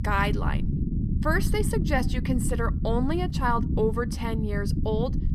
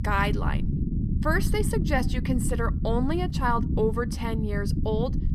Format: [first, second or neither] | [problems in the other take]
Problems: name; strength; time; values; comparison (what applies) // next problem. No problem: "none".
neither | low rumble; loud; throughout; 9 dB below the speech; the same in both